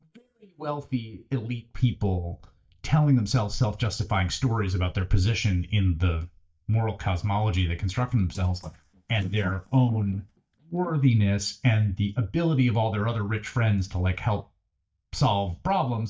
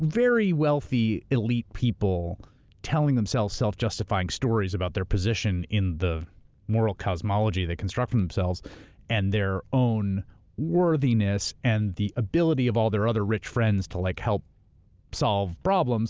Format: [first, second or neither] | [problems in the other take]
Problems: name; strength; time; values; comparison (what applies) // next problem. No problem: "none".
second | noise reduction (neural mask model DeepFilterNet 3)